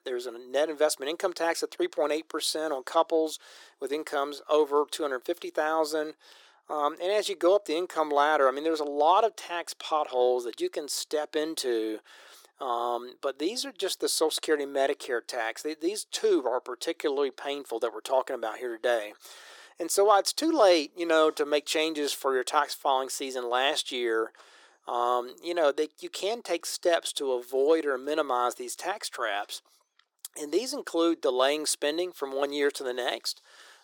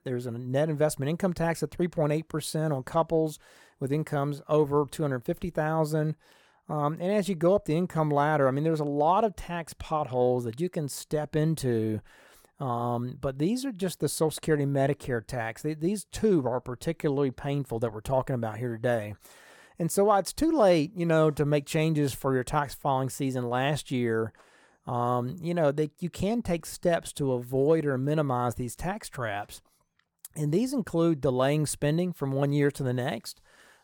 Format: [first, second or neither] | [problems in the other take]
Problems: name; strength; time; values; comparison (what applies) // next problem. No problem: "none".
second | thin; very; fading below 350 Hz